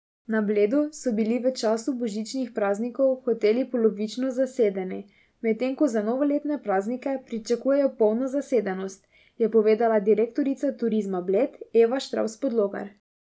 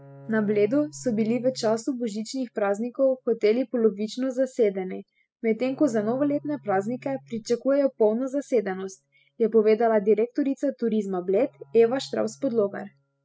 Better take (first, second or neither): first